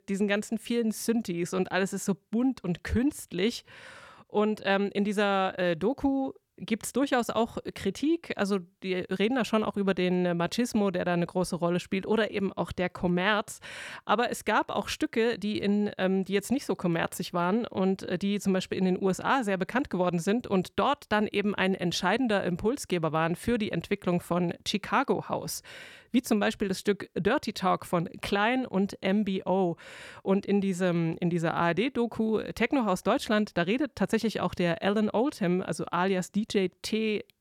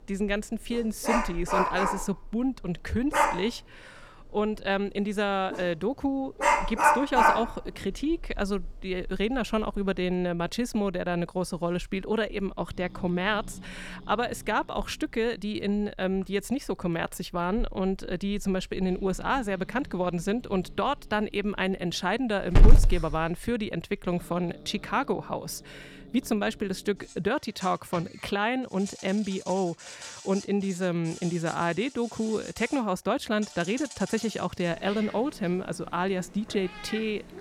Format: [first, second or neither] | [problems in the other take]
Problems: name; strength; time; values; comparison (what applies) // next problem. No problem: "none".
first | animal sounds; loud; throughout; as loud as the speech